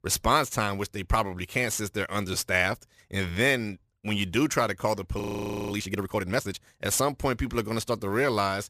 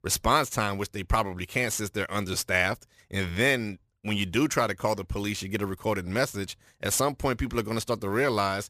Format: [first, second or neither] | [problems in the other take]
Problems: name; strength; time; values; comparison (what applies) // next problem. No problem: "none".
second | audio freezing; at 5 s for 0.5 s